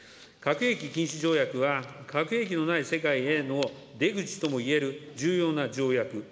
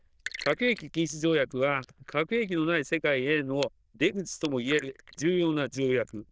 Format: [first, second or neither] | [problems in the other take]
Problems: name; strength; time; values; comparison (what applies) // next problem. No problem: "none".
first | noise reduction (neural diffusion model UNIVERSE++)